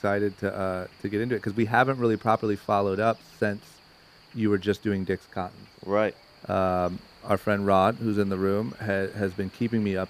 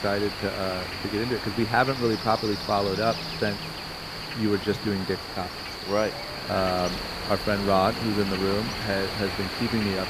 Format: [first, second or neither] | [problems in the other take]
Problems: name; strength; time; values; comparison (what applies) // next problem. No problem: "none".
first | animal sounds; loud; throughout; 4 dB below the speech; faint in the first